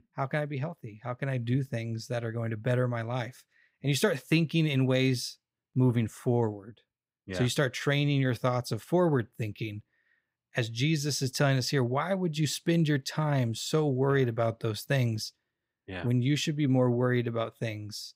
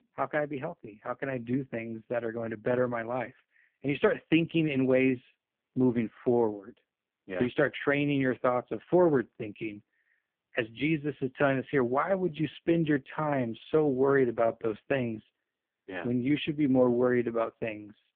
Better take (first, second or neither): first